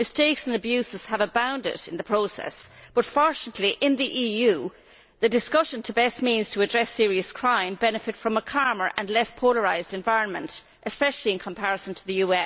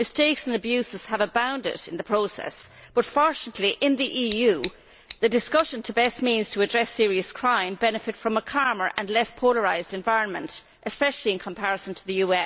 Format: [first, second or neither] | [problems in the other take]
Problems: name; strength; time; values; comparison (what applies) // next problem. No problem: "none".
first | background sound (Scissors); 18 dB below the speech